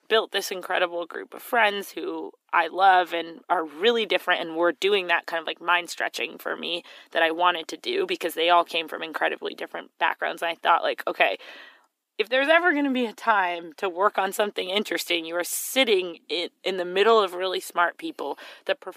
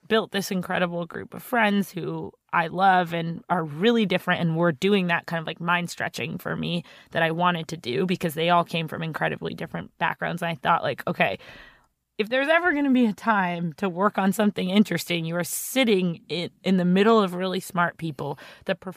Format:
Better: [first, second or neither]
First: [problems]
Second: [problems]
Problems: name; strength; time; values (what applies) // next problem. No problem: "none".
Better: second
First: thin; somewhat; fading below 300 Hz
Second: none